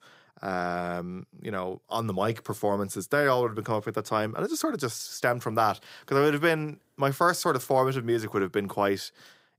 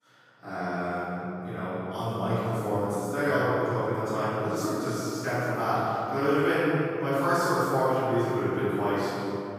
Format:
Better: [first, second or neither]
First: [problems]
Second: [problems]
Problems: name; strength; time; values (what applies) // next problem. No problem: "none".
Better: first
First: none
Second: off-mic speech; far // room echo; strong; dies away in 2.8 s